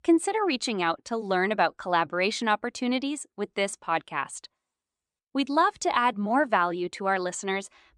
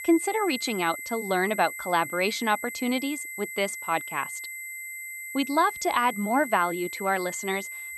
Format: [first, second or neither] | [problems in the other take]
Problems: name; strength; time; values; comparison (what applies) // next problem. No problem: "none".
first | high-pitched whine; loud; throughout; 2 kHz, 8 dB below the speech